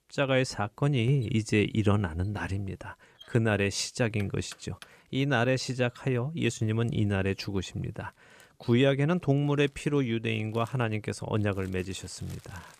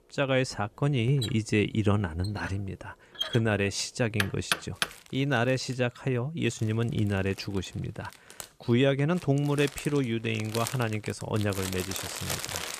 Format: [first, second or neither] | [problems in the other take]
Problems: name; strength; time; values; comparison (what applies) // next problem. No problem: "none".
first | household noises; loud; throughout; 7 dB below the speech; faint in the first